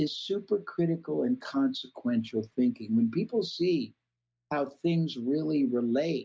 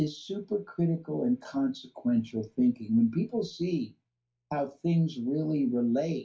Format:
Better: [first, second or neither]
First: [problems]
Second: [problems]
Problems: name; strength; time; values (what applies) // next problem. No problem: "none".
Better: first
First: none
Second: room echo; dies away in 0.2 s